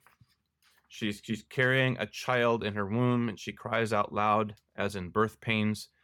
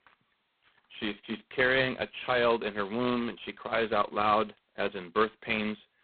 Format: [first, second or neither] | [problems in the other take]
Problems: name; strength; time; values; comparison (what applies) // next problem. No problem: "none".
first | phone-call audio; poor line; nothing above 4 kHz